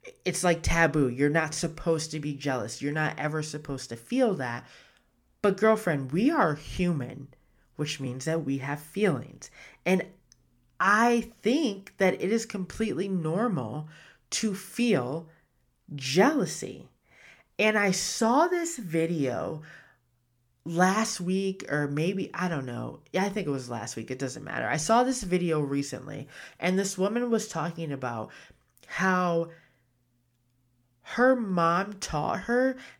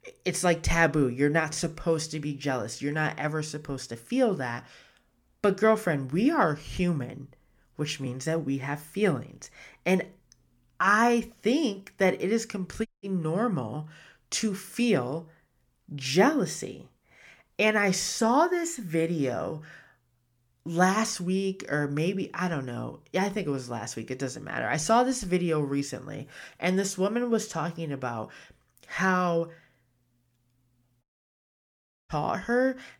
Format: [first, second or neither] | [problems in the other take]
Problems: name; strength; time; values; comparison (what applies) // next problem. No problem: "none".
first | audio cutting out; at 13 s and at 31 s for 1 s